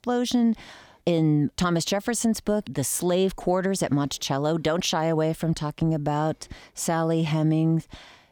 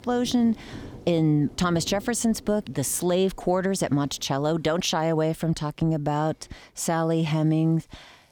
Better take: first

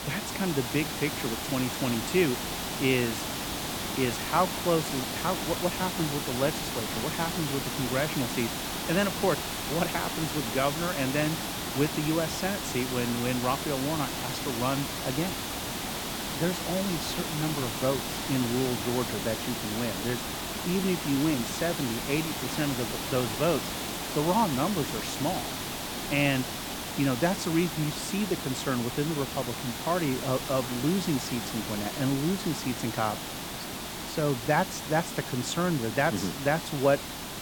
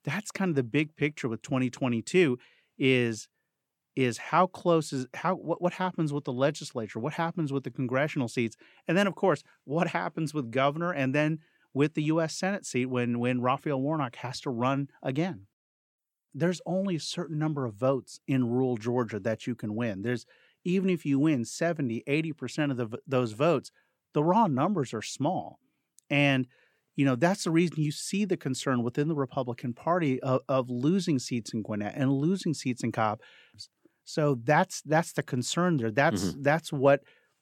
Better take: second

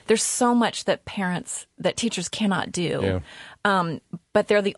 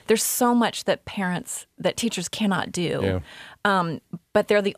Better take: second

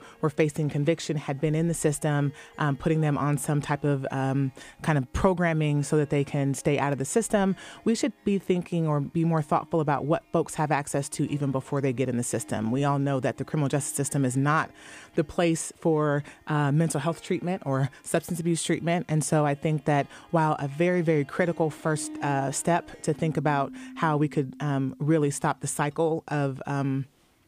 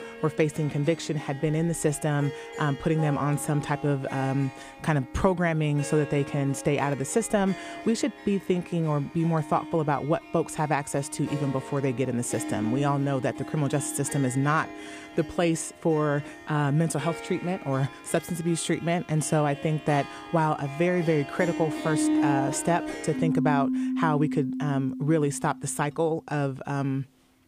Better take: first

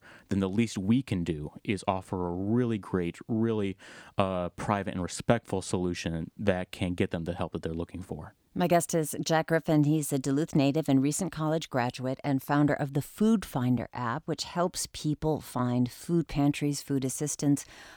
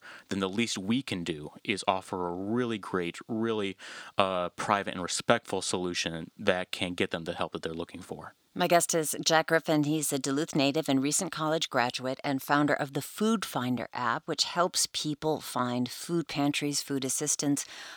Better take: first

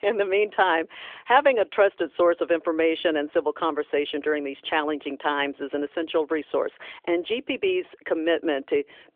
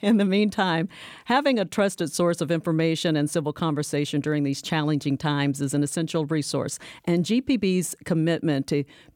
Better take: second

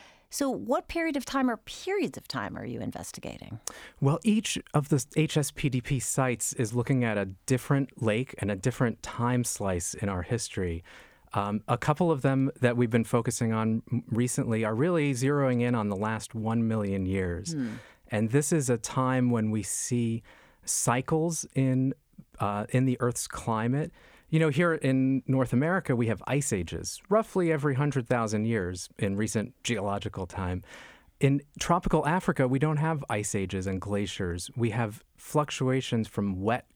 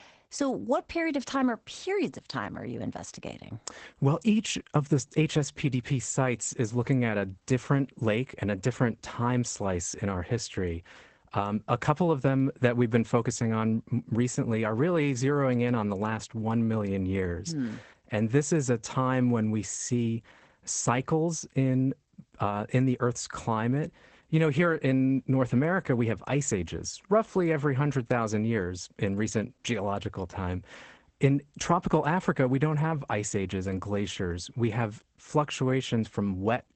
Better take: first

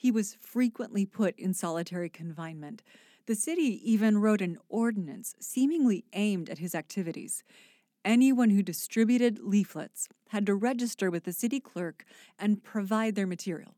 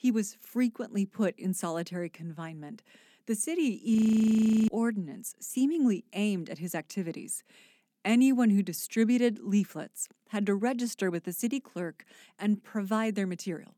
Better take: first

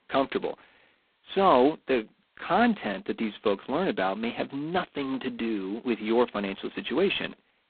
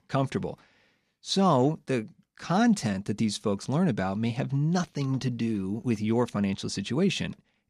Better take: second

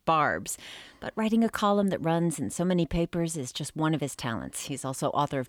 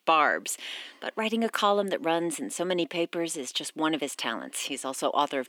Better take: first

